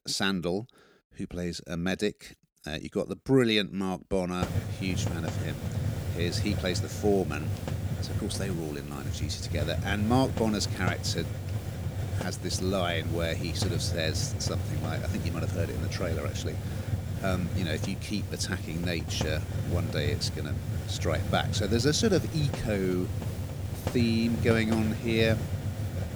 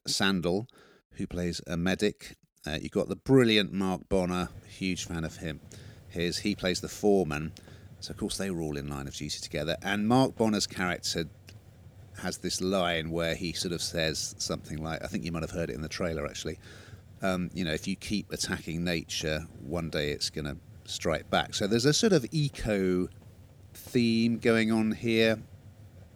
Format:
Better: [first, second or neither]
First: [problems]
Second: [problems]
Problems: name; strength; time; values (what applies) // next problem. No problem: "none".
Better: second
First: hiss; loud; from 4.5 s on; 3 dB below the speech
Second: hiss; faint; from 4.5 s on; 20 dB below the speech